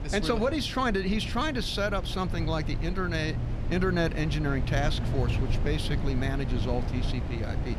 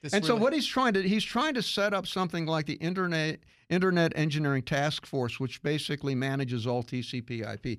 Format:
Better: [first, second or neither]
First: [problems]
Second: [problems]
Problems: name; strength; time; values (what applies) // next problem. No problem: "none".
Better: second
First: low rumble; noticeable; throughout; 10 dB below the speech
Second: none